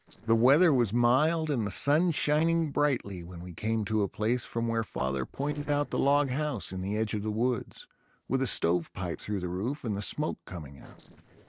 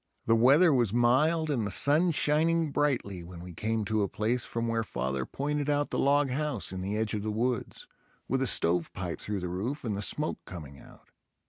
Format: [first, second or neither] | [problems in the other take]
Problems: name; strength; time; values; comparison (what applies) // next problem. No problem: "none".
second | noise reduction (neural separator model SepFormer DNS4)